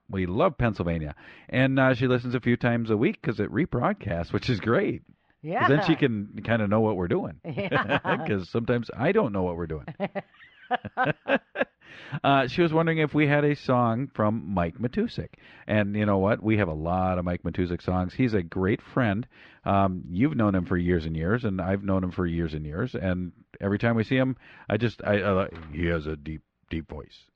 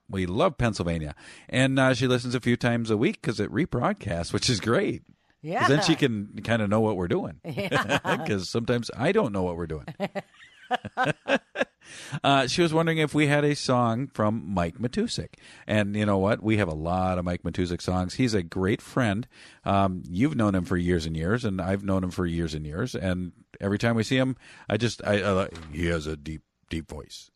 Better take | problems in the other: second | muffled; slightly; fading above 3 kHz

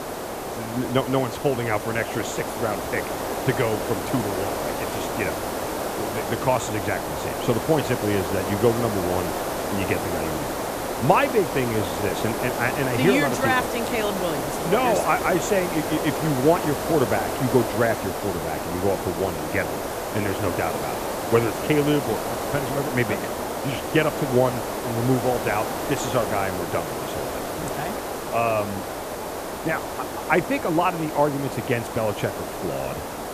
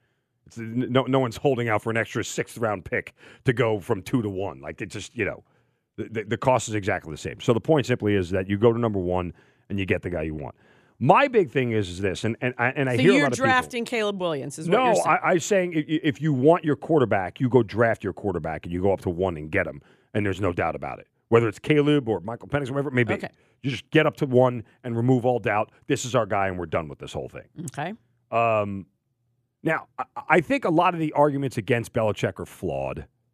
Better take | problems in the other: second | hiss; loud; throughout; 3 dB below the speech

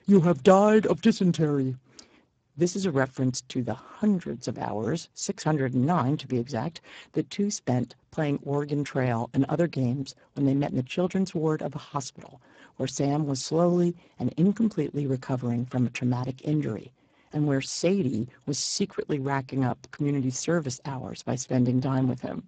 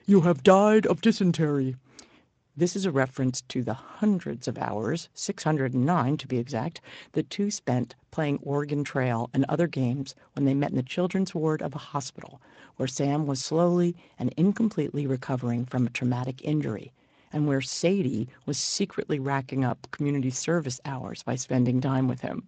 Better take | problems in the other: second | garbled, watery; badly; nothing above 7.5 kHz; slightly in the second

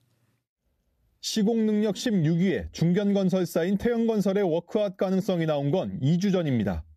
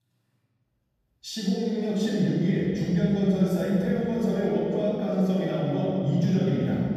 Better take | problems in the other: first | room echo; strong; dies away in 2.8 s // off-mic speech; far

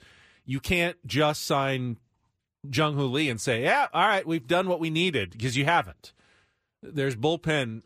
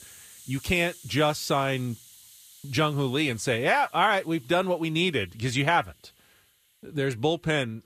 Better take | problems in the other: first | hiss; faint; throughout; 25 dB below the speech

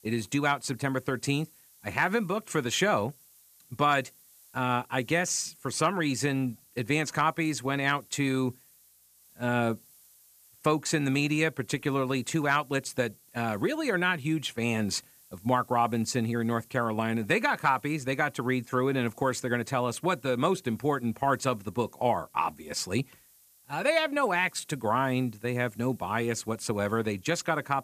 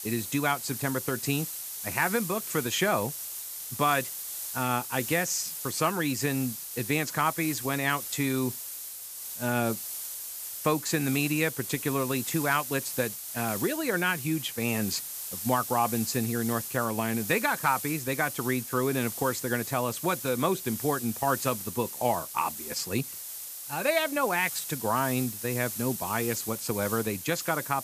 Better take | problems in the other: first | hiss; loud; throughout; 6 dB below the speech; faint in the first

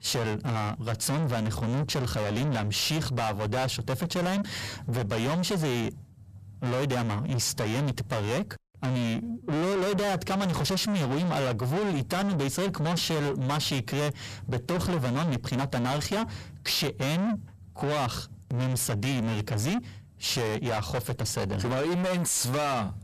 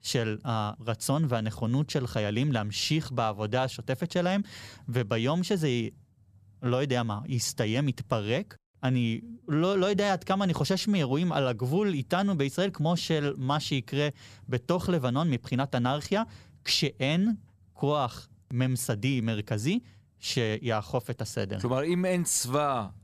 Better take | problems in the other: second | distortion; heavy; 5 dB below the speech

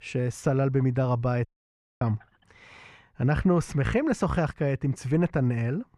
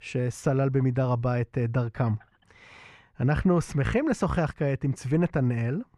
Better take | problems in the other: second | audio cutting out; at 1.5 s for 0.5 s

